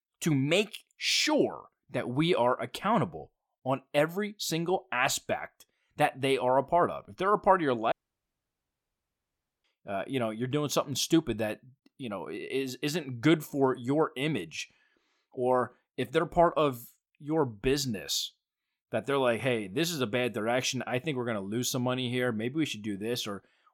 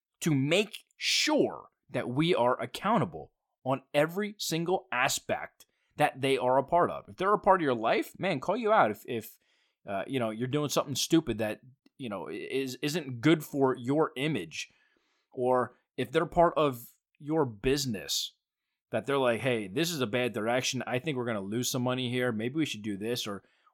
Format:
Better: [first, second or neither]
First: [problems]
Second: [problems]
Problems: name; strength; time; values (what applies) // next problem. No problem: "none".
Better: second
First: audio cutting out; at 8 s for 1.5 s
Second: none